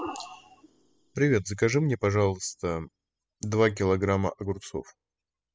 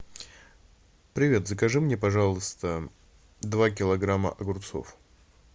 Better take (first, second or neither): second